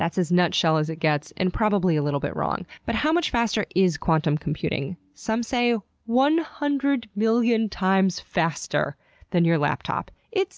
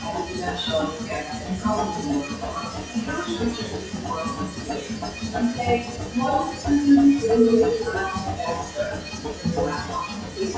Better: first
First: none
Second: noise reduction (classical method WPE with log-MMSE)

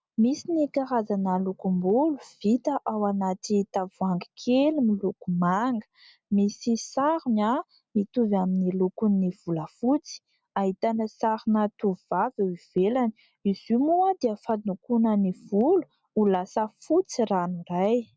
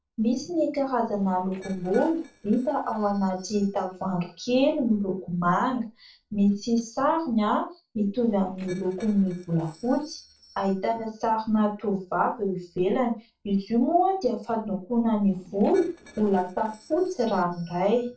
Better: first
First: none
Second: noise reduction (neural separator model SepFormer DNS4)

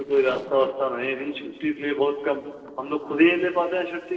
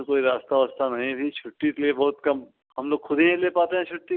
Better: second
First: noise reduction (neural separator model SepFormer DNS4)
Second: none

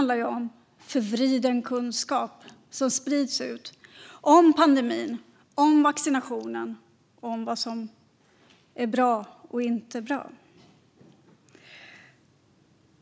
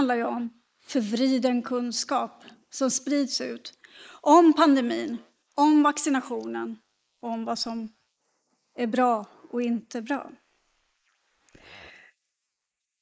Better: first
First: none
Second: noise reduction (neural mask model Resemble Enhance denoiser)

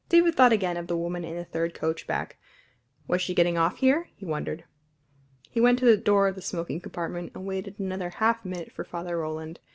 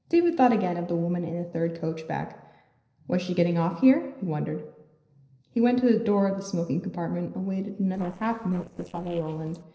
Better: first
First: none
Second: noise reduction (neural separator model SepFormer DNS4)

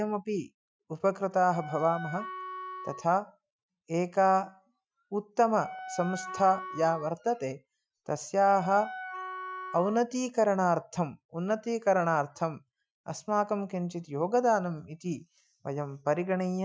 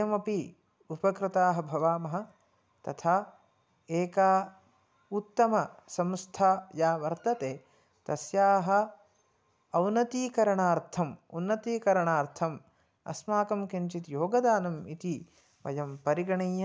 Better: second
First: noise reduction (classical method Wiener filter)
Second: none

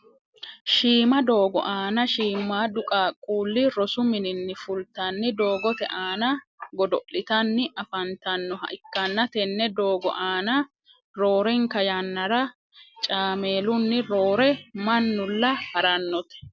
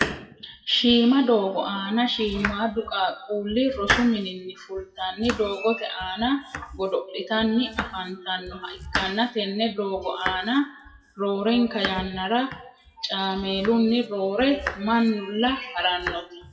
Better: first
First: none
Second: noise reduction (classical method WPE with log-MMSE)

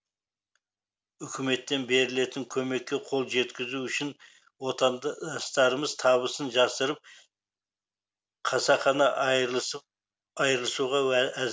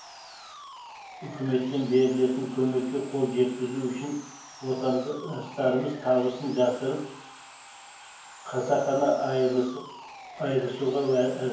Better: first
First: none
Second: background sound (Sawing); 18 dB below the speech // room echo; dies away in 0.9 s

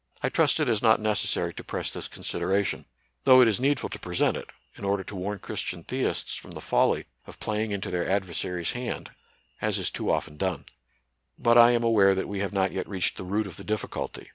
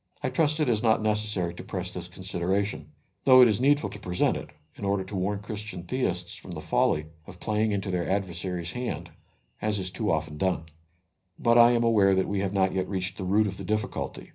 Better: first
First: none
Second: room echo; dies away in 0.4 s

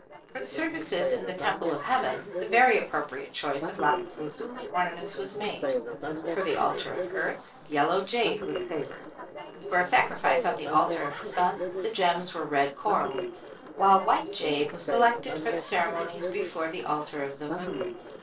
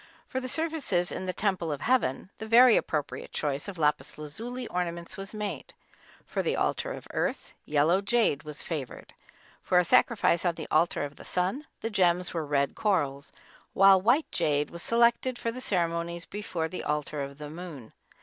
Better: second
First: noise reduction (neural separator model SepFormer DNS4)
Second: none

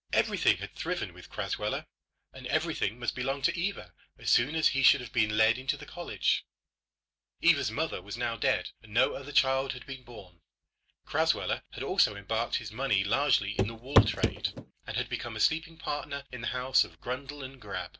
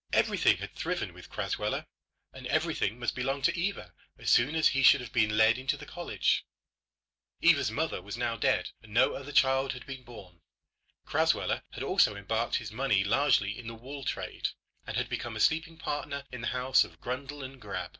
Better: second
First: background sound (Walk, footsteps / Run / Wood); 5 dB above the speech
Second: none

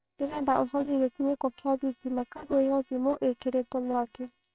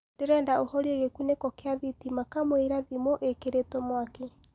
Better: second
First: noise reduction (neural separator model SepFormer WHAMR!)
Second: none

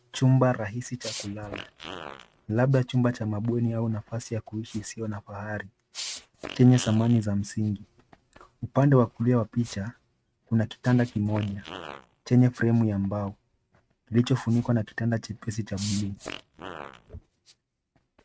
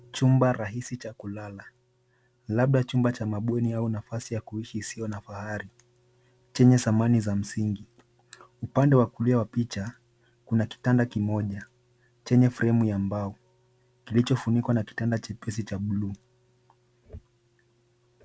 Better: second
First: noise reduction (neural mask model RNNoise)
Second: none

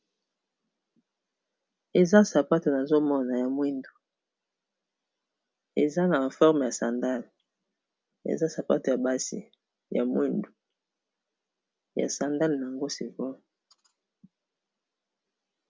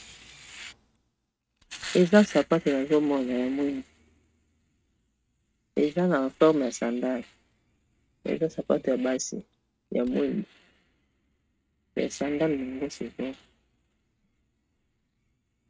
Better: first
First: none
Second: noise reduction (neural mask model RNNoise)

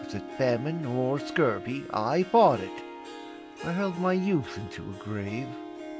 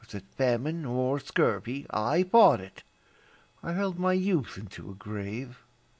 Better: second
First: background sound (Harp); 12 dB below the speech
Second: none

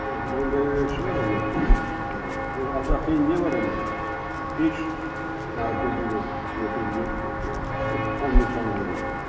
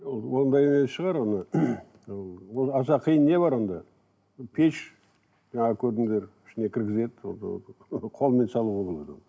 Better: second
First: background sound (Walk, footsteps); 2 dB above the speech // room echo; dies away in 2 s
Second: none

